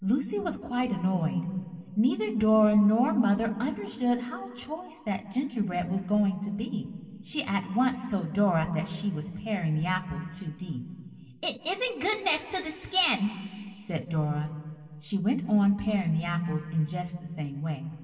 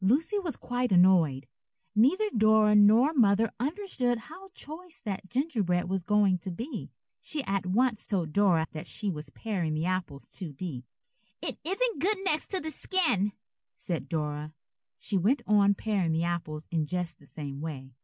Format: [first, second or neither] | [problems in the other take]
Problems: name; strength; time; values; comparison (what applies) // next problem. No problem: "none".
second | room echo; dies away in 2.1 s